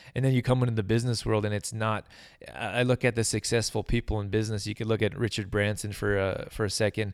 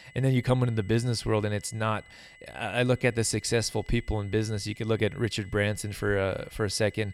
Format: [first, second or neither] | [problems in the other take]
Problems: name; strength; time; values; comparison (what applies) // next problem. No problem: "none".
first | high-pitched whine; faint; throughout; 2 kHz, 25 dB below the speech